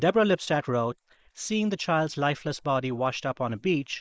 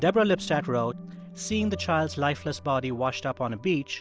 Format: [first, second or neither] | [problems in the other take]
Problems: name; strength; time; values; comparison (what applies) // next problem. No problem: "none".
second | noise reduction (neural mask model Resemble Enhance denoiser)